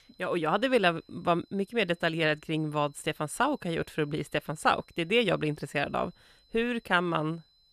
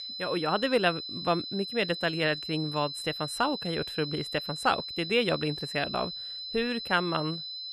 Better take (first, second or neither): first